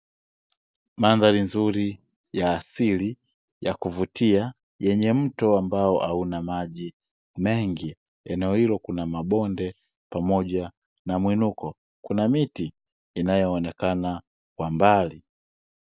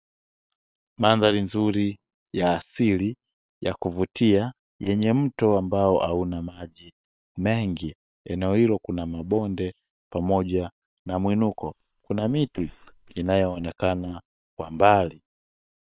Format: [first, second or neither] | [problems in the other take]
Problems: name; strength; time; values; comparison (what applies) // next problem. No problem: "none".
first | noise reduction (neural separator model SepFormer WHAM!)